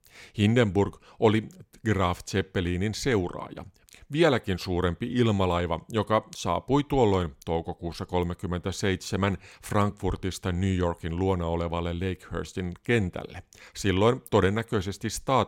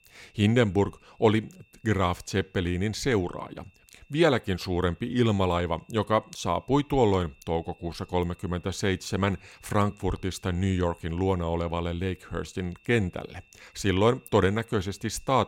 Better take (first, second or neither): first